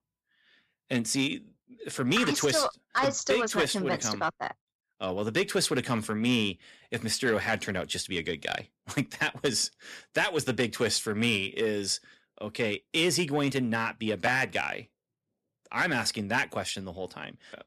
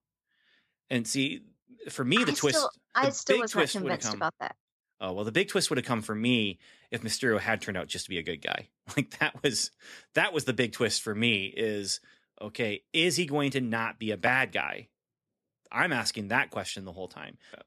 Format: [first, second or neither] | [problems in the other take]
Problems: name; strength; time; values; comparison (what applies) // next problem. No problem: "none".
second | distortion; slight; 10 dB below the speech